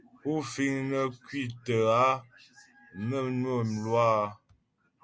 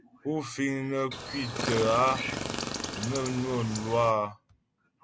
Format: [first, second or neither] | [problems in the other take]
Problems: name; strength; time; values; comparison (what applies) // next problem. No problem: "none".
first | background sound (Chirp, tweet); 5 dB below the speech